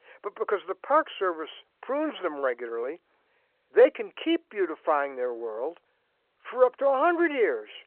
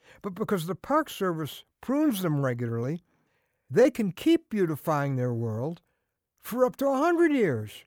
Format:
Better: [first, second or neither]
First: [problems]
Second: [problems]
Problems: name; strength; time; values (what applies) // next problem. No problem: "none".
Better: second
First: phone-call audio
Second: none